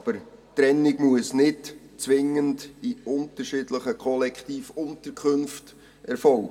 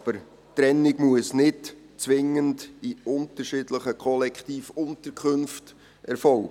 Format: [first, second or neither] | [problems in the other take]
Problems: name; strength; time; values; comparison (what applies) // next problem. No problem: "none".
second | room echo; dies away in 1.4 s